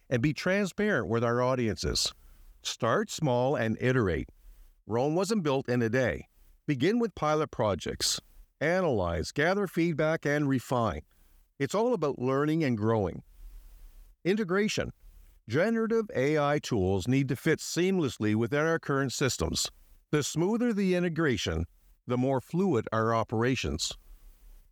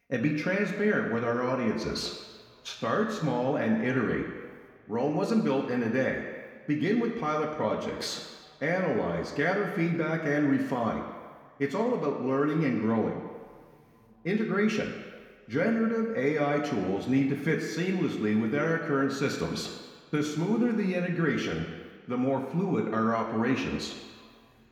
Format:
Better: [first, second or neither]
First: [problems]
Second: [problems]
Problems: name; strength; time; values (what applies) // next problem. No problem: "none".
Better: first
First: none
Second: room echo; noticeable; dies away in 1.7 s // off-mic speech; somewhat distant